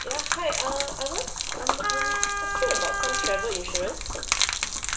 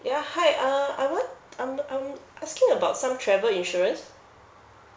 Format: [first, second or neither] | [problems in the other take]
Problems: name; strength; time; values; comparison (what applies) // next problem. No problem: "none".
second | background sound (Wind instrument, woodwind instrument + Gurgling / Liquid); 5 dB above the speech